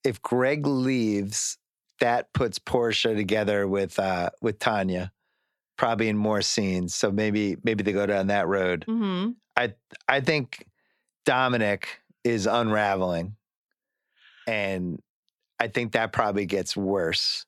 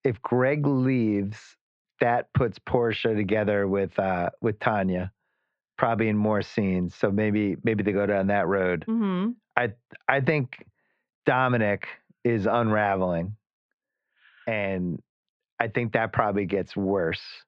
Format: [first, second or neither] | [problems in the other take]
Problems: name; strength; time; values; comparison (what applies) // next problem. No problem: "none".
first | muffled; very; fading above 2.5 kHz